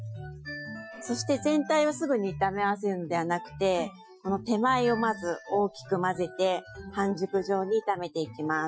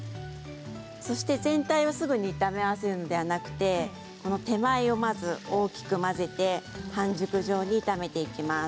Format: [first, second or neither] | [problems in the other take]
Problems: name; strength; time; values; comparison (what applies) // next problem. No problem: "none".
second | noise reduction (classical method Wiener filter)